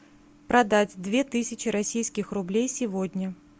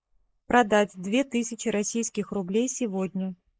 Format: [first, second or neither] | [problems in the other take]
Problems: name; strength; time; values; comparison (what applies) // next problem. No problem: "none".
first | noise reduction (neural mask model Resemble Enhance denoiser)